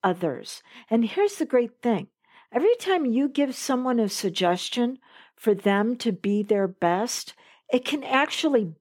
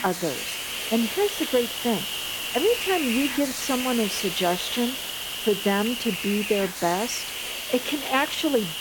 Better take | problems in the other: first | hiss; loud; throughout; 3 dB below the speech

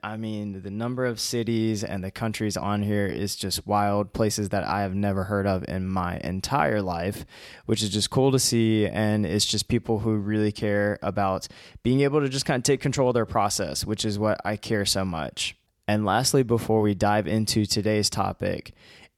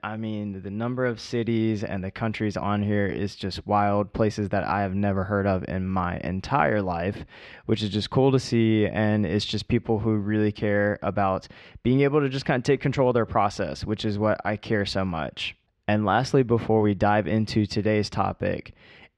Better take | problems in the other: first | muffled; slightly; fading above 2.5 kHz

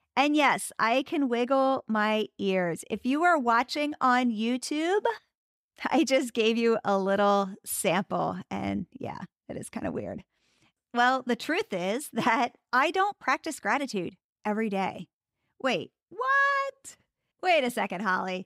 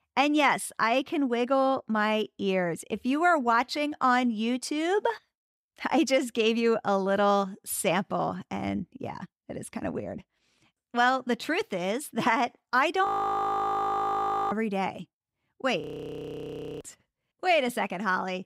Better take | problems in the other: first | audio freezing; at 13 s for 1.5 s and at 16 s for 1 s

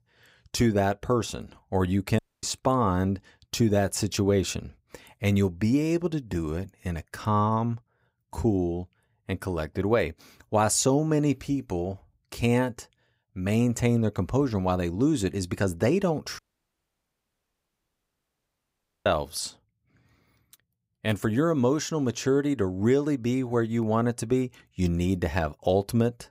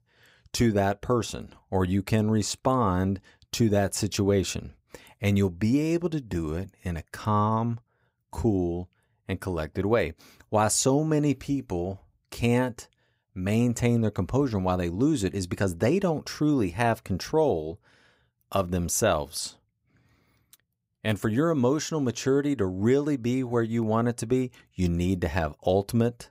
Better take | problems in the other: second | audio cutting out; at 2 s and at 16 s for 2.5 s

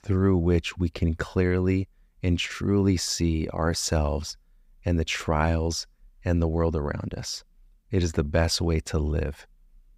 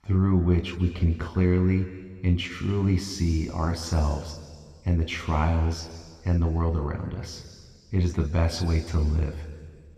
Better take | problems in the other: first | room echo; noticeable; dies away in 1.9 s

